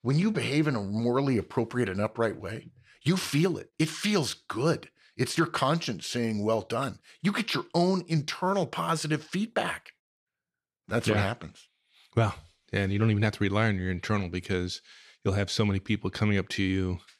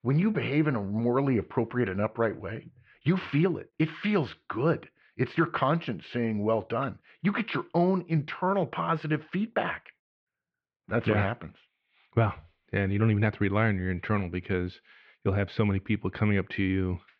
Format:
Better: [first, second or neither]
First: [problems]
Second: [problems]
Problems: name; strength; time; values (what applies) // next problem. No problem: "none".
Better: first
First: none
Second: muffled; very; fading above 2.5 kHz